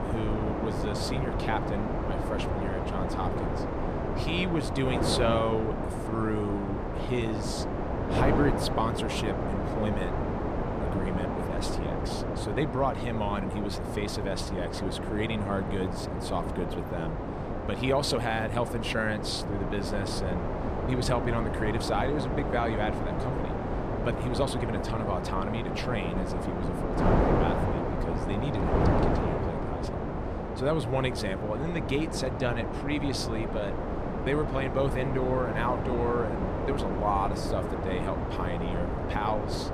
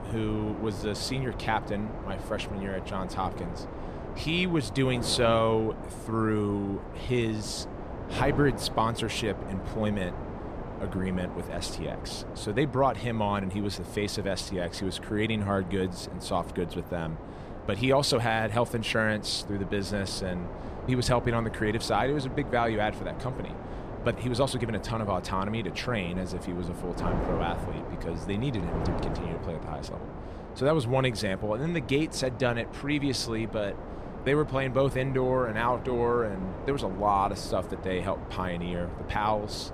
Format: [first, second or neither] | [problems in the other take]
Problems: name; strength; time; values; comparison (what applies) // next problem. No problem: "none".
second | wind noise on the microphone; heavy; 1 dB below the speech; occasional gusts in the second